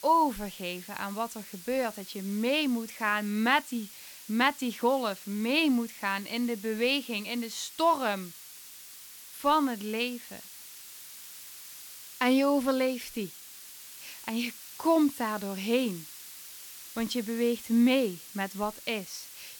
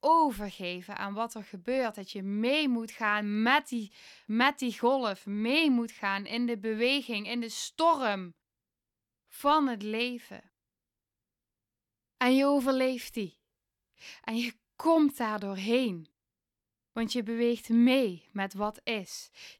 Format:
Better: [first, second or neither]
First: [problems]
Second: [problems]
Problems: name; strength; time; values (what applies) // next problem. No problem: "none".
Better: second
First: hiss; noticeable; throughout; 15 dB below the speech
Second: none